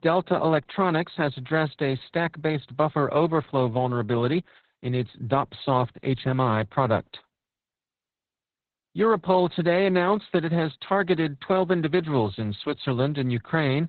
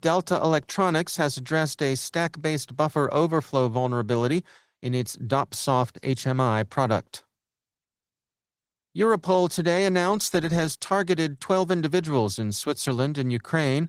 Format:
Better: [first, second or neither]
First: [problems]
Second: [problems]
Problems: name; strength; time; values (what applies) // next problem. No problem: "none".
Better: second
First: garbled, watery; badly; nothing above 4 kHz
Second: garbled, watery; slightly; nothing above 16 kHz